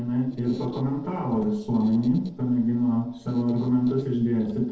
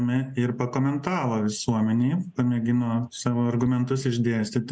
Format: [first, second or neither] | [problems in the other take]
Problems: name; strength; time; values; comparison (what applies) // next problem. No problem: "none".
second | noise reduction (neural separator model SepFormer DNS4)